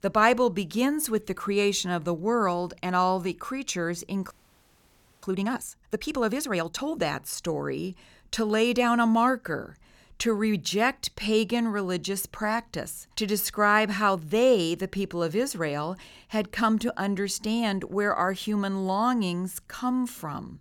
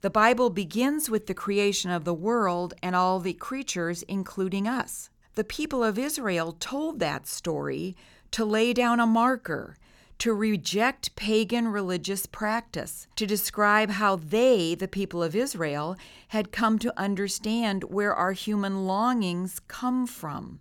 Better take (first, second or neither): second